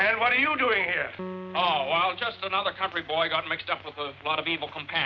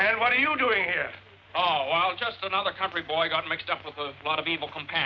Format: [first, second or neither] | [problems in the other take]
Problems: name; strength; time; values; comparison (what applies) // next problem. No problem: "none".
second | background sound (Piano); 17 dB below the speech